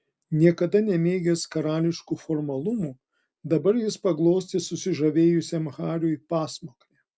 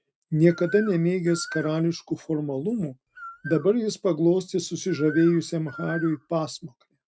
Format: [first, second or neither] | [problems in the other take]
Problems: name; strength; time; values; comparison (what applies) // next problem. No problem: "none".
first | noise reduction (neural mask model RNNoise)